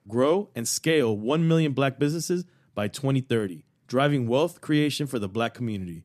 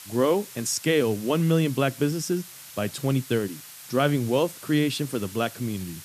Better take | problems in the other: first | hiss; noticeable; throughout; 15 dB below the speech

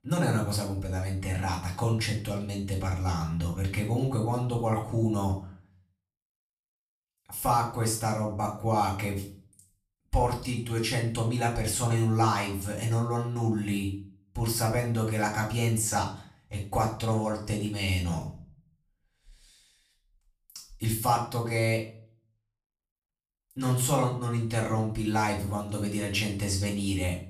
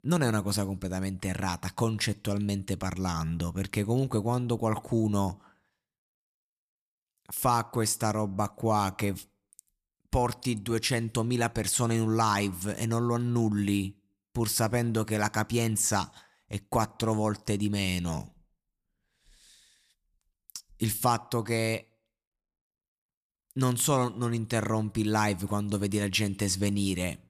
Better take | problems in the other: second | off-mic speech; far // room echo; slight; dies away in 0.4 s

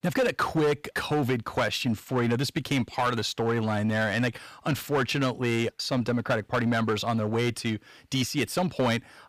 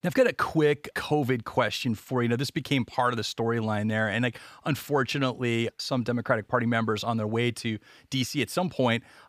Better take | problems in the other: second | distortion; slight; 8% of the sound clipped

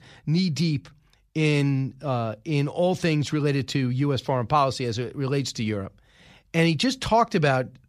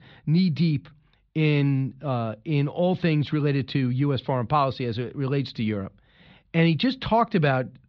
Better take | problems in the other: first | muffled; very slightly; fading above 4 kHz

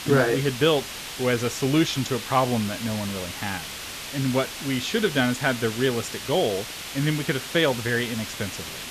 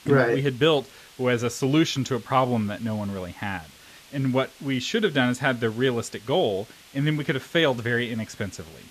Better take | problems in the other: second | hiss; loud; throughout; 8 dB below the speech; faint in the second

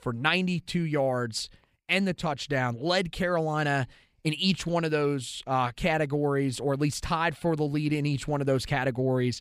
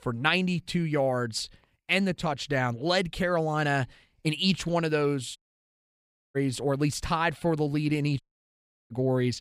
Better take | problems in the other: first | audio cutting out; at 5.5 s for 1 s and at 8 s for 0.5 s

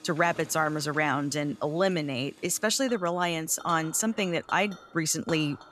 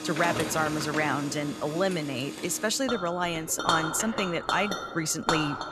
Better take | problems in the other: first | household noises; loud; throughout; 4 dB below the speech; faint in the first

